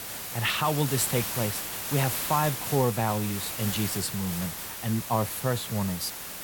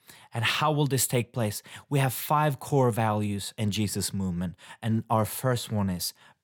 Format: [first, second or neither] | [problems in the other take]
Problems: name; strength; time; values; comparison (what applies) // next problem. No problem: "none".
second | hiss; loud; throughout; 3 dB below the speech